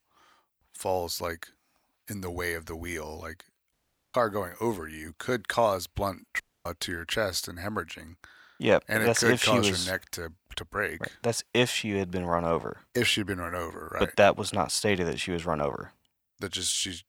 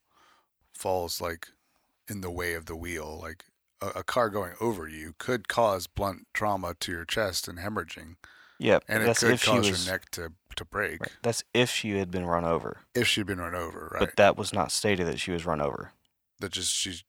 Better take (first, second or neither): second